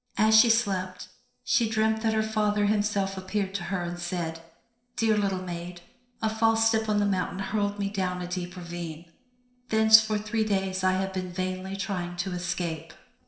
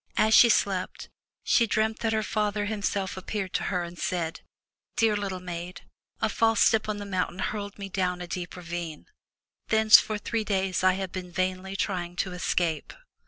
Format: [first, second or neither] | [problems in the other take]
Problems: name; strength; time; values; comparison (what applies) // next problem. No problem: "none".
second | noise reduction (neural separator model SepFormer DNS4)